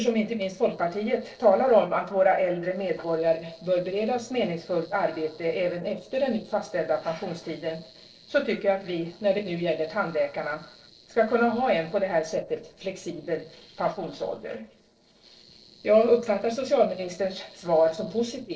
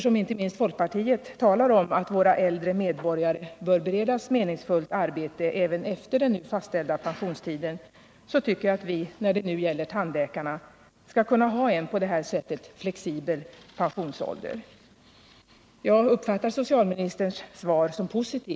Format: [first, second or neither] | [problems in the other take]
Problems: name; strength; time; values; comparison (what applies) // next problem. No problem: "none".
second | noise reduction (neural separator model SepFormer DNS4)